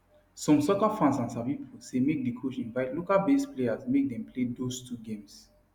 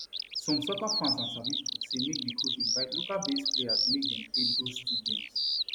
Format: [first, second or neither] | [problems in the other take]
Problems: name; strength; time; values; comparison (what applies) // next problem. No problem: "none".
first | background sound (Bird vocalization, bird call, bird song); 5 dB above the speech